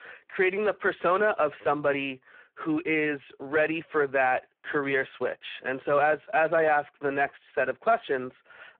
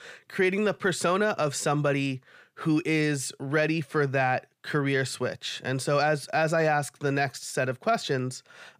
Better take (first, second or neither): second